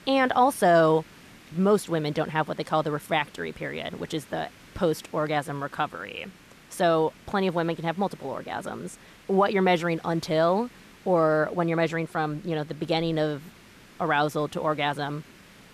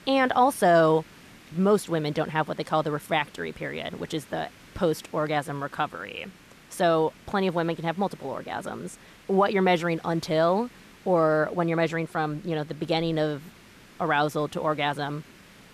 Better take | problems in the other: neither | hiss; faint; throughout; 25 dB below the speech; the same in both

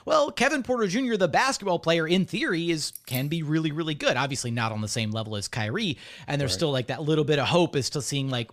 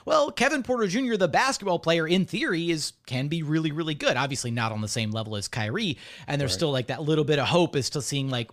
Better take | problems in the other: second | jangling keys; faint; at 3 s; peak 10 dB below the speech

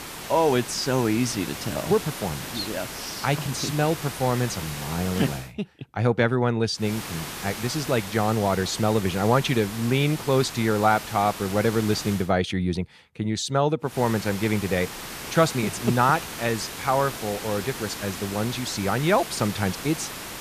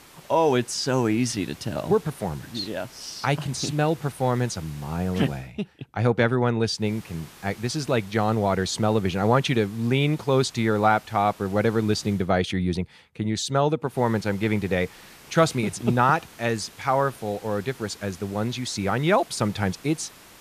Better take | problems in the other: second | hiss; loud; until 5.5 s, from 7 to 12 s and from 14 s on; 9 dB below the speech; faint in the second

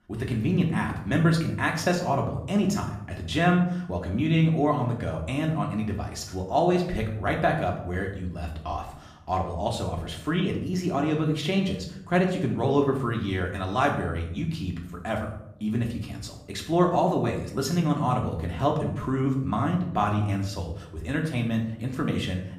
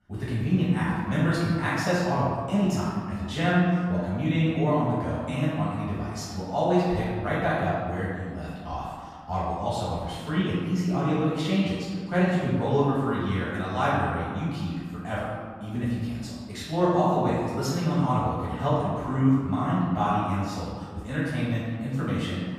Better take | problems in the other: first | room echo; strong; dies away in 1.6 s; slight in the first // off-mic speech; far; somewhat distant in the first

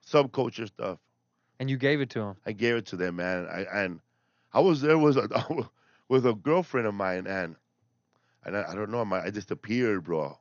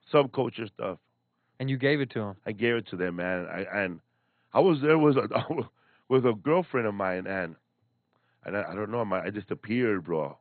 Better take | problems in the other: first | garbled, watery; badly; nothing above 4 kHz; slightly in the first

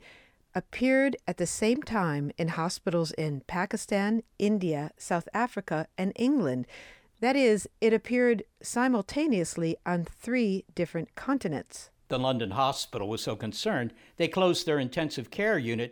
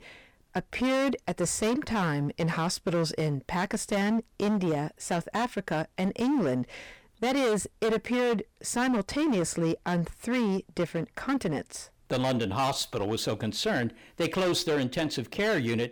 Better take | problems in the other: first | distortion; heavy; 16% of the sound clipped

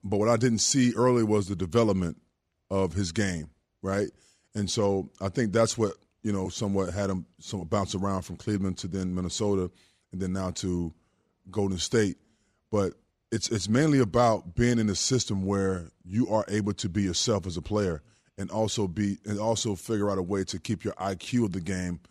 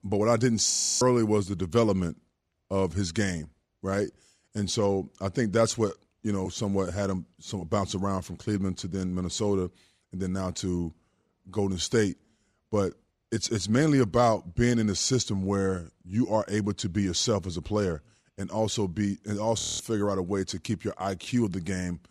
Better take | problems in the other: first | audio freezing; at 0.5 s and at 20 s

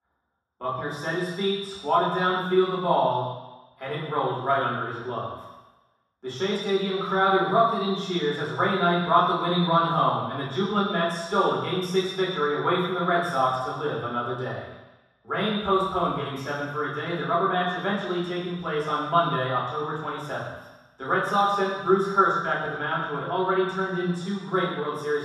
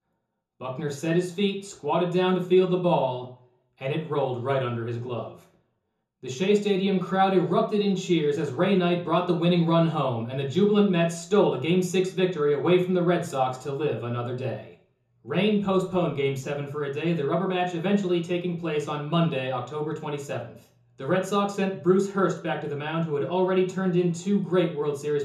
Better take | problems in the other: second | room echo; strong; dies away in 1.2 s; slight in the second // off-mic speech; far; far in the second

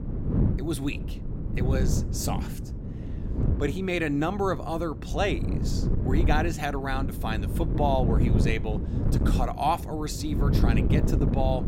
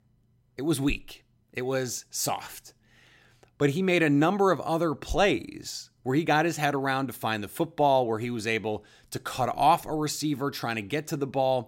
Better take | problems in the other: second | wind noise on the microphone; heavy; 7 dB below the speech

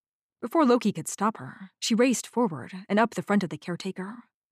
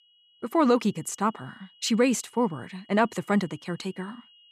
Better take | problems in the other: first | high-pitched whine; faint; throughout; 3 kHz, 30 dB below the speech

